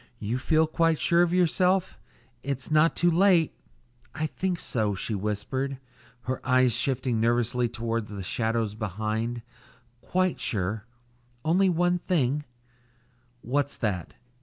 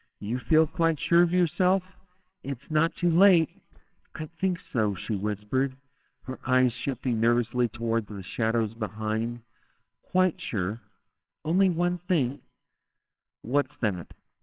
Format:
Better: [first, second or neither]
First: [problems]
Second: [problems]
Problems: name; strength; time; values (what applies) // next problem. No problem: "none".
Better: first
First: none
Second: noise reduction (neural separator model SepFormer WHAMR!)